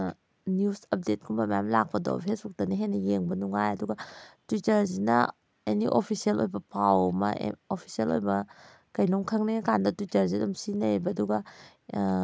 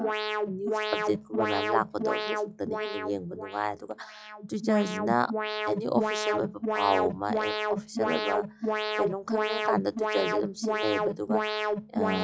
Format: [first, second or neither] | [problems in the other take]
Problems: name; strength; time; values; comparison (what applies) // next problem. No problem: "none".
first | noise reduction (classical method log-MMSE)